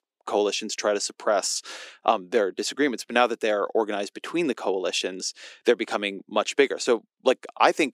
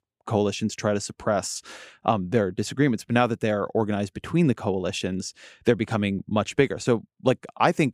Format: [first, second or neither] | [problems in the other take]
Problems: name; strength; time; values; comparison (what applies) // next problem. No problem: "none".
second | thin; somewhat; fading below 300 Hz